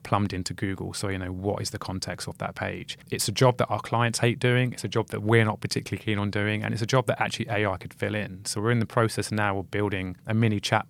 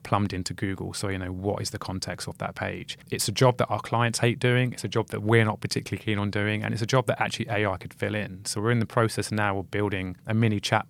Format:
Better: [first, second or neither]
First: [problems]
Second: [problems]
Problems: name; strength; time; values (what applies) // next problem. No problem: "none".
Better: neither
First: none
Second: none